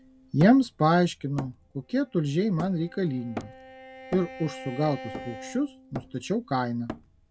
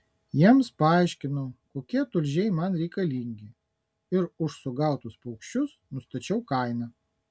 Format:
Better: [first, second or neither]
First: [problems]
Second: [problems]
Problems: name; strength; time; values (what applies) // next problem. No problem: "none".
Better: second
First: background sound (Bowed string instrument + Hammer); 14 dB below the speech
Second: none